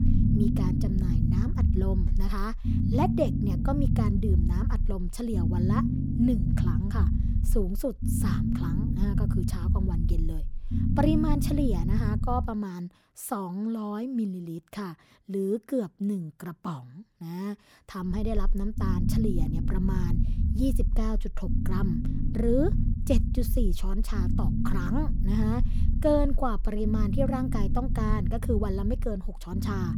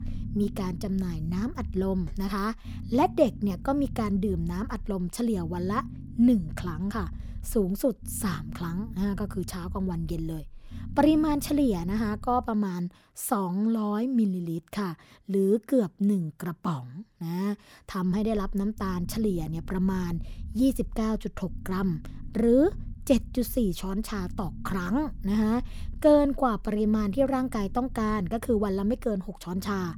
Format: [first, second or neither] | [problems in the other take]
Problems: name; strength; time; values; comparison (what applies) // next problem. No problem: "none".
second | low rumble; loud; until 12 s and from 18 s on; 5 dB below the speech; faint in the second